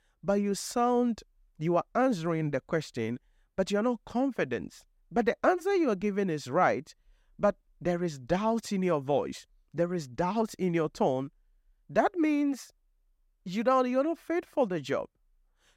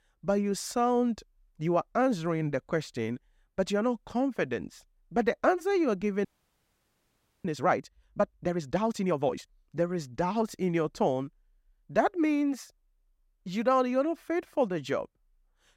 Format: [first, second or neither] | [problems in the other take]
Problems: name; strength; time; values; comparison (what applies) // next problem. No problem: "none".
first | audio freezing; at 6.5 s for 1 s